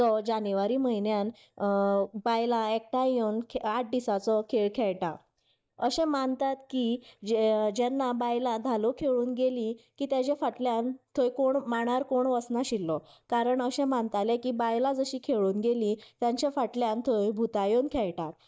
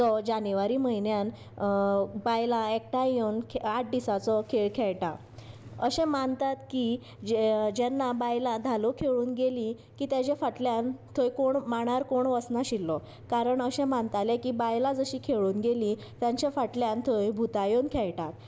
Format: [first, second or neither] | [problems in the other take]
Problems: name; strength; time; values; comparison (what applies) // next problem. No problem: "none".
second | noise reduction (neural mask model DeepFilterNet 3)